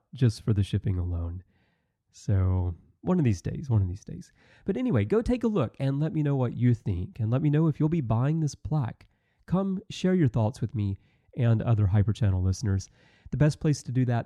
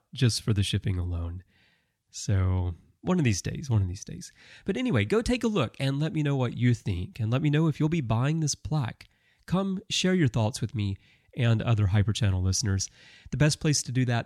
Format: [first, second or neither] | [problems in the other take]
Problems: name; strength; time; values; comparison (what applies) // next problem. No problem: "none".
second | muffled; slightly; fading above 1.5 kHz